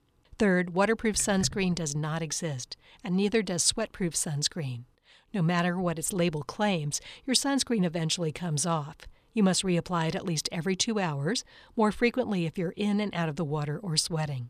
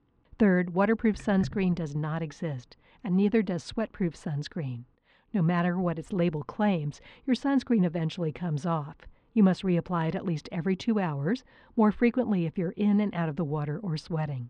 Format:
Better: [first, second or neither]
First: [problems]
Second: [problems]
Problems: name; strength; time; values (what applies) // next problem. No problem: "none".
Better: first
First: none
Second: muffled; very; fading above 2 kHz